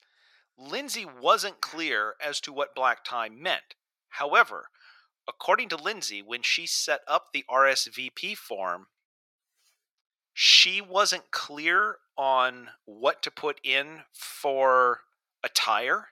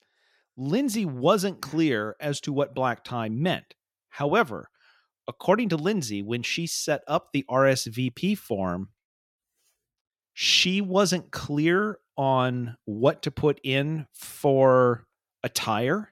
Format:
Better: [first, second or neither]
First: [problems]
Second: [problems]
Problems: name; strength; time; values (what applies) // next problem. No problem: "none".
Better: second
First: thin; very; fading below 700 Hz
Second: none